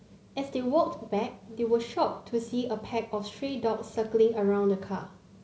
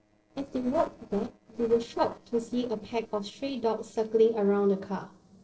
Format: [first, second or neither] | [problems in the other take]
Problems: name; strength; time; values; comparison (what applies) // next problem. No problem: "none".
first | noise reduction (neural separator model SepFormer DNS4)